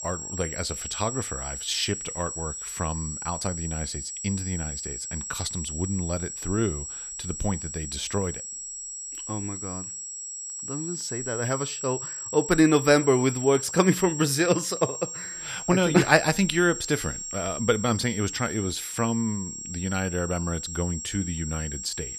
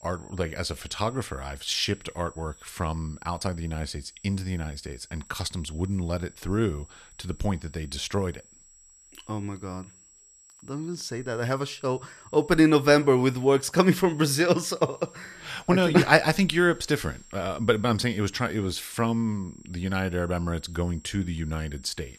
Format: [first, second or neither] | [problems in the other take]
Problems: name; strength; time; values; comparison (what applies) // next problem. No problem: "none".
second | high-pitched whine; loud; throughout; 7.5 kHz, 6 dB below the speech; faint in the second